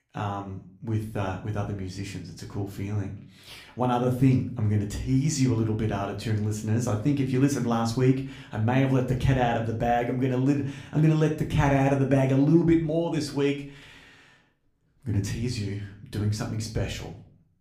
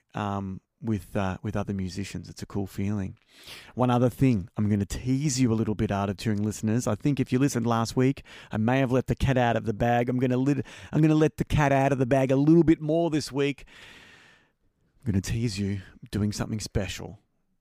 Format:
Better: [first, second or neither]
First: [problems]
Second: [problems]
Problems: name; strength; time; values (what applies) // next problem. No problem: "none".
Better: second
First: room echo; slight; dies away in 0.4 s // off-mic speech; somewhat distant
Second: none